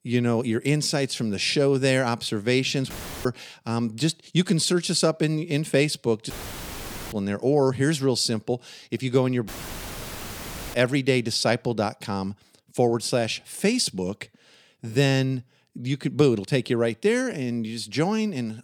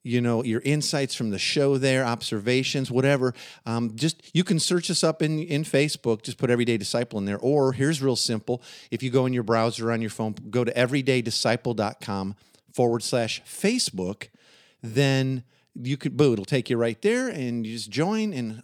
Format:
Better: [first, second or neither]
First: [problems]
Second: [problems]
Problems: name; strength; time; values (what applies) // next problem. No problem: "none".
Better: second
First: audio cutting out; filled with static; at 3 s, at 6.5 s for 1 s and at 9.5 s for 1.5 s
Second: none